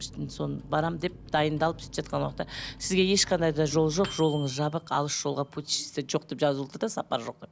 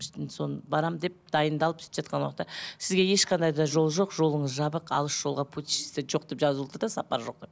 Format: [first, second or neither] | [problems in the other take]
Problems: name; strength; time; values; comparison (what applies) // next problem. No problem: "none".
second | background sound (Microwave oven); 18 dB below the speech